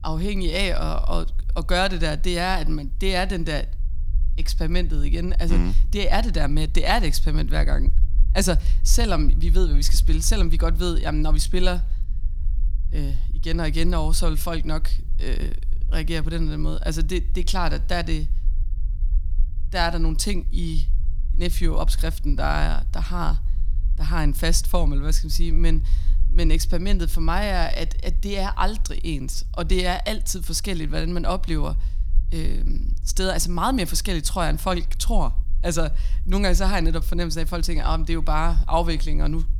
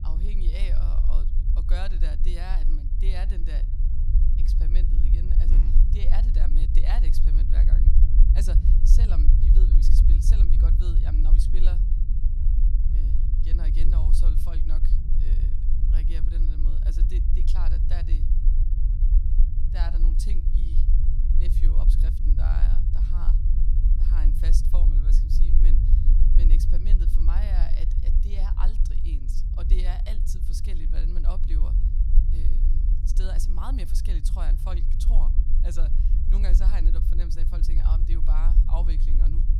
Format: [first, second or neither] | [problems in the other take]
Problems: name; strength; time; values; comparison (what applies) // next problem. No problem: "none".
first | low rumble; loud; throughout; 2 dB below the speech; faint in the first